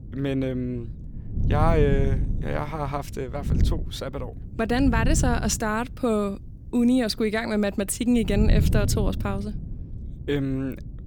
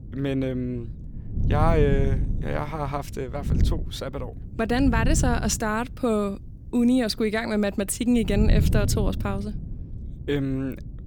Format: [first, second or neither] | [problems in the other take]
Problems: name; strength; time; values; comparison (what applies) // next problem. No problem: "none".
neither | wind noise on the microphone; occasional gusts; 15 dB below the speech; the same in both